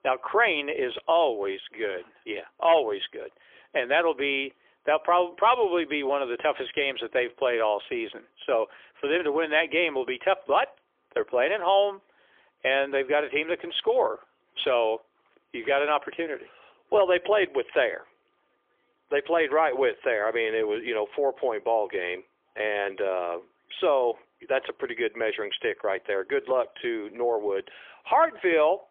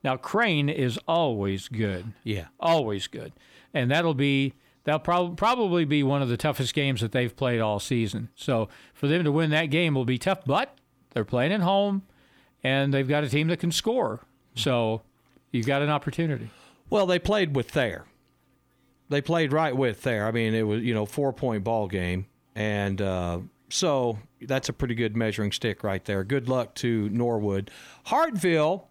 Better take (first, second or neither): second